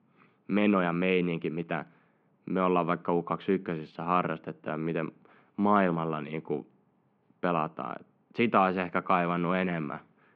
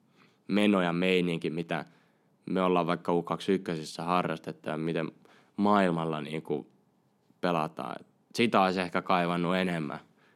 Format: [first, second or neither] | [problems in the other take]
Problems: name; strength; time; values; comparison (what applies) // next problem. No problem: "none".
second | muffled; very; fading above 2.5 kHz